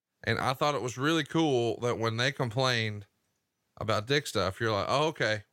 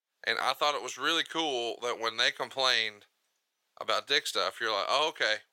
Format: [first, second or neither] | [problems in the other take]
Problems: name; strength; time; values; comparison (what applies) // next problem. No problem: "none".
first | thin; very; fading below 600 Hz